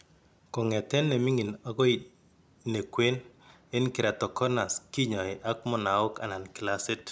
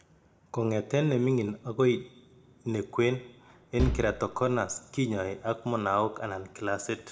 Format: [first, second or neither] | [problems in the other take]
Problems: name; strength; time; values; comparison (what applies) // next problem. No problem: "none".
first | background sound (Bass drum); 3 dB below the speech // room echo; dies away in 1 s